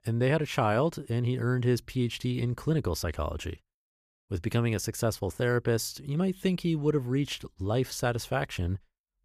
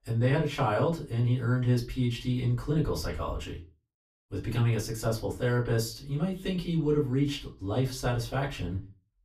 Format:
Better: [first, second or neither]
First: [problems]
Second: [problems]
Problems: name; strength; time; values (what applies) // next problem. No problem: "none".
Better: first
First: none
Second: off-mic speech; far // room echo; very slight; dies away in 0.3 s